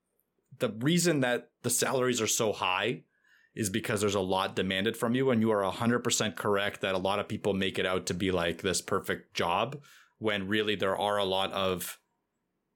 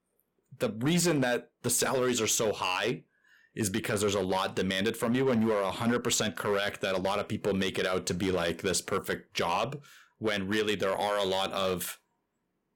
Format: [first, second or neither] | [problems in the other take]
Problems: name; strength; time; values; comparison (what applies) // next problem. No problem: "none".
first | distortion; slight; 6% of the sound clipped